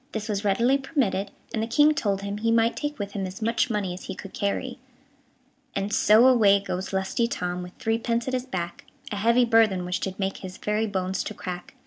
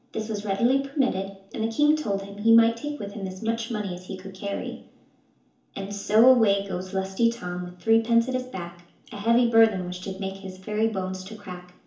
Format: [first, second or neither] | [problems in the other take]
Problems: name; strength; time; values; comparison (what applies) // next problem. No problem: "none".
first | room echo; dies away in 0.7 s